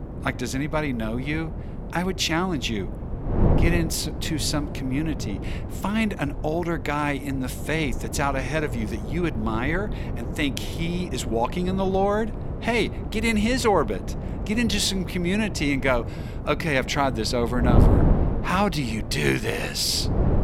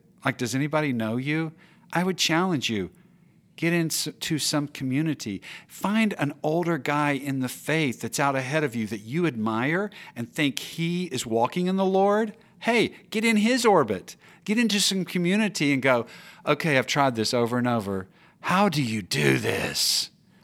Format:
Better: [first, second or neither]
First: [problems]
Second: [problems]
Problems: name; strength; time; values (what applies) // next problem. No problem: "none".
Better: second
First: wind noise on the microphone; heavy; 10 dB below the speech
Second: none